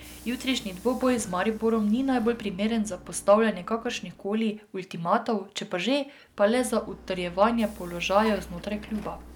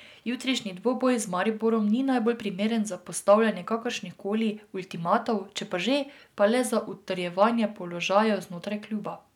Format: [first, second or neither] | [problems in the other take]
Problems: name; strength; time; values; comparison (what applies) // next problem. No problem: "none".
second | background sound (Vehicle); 20 dB below the speech